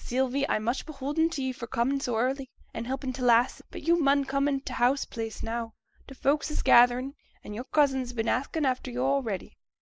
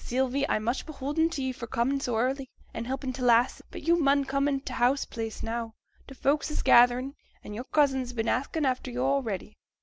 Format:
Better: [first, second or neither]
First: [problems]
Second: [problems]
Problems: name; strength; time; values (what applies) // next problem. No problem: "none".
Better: second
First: noise reduction (neural mask model Resemble Enhance denoiser)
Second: none